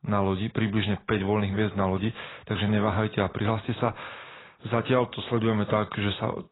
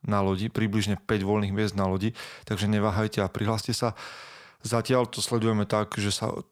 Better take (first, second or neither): second